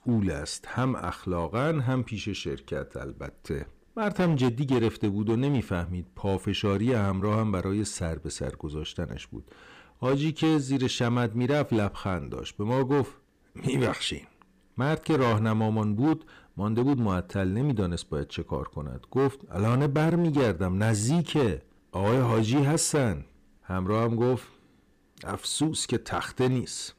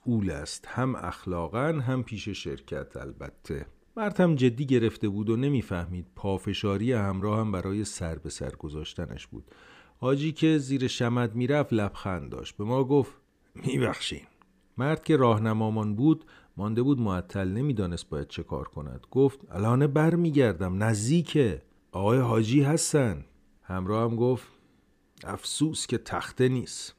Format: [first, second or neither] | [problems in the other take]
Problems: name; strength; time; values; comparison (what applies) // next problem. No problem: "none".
second | distortion; slight; 8% of the sound clipped